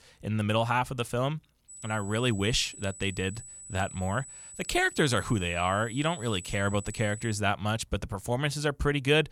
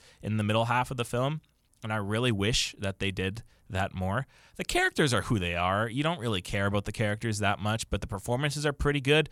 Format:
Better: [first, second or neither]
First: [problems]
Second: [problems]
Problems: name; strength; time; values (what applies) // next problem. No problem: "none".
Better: second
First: high-pitched whine; noticeable; from 1.5 to 7.5 s; 8 kHz, 15 dB below the speech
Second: none